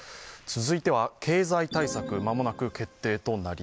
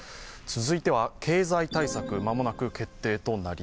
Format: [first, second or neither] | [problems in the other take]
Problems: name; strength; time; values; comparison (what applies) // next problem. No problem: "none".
first | background sound (Train / Breathing); 20 dB below the speech